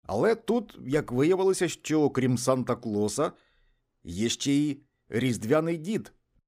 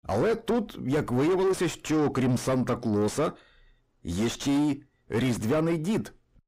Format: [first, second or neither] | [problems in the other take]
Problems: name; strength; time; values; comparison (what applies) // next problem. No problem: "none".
first | distortion; heavy; 7 dB below the speech